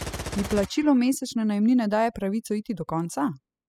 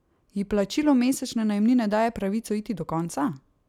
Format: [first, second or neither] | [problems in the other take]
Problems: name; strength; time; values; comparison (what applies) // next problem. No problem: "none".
second | noise reduction (classical method spectral subtraction)